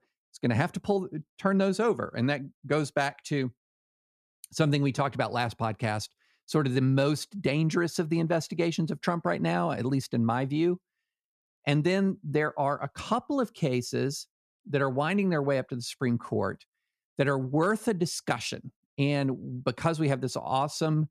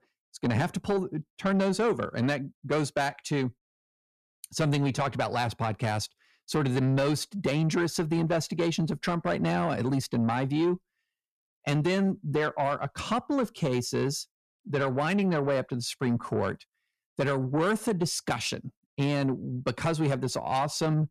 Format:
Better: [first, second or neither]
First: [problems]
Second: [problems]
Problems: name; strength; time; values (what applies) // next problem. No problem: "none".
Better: first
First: none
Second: distortion; slight; 10 dB below the speech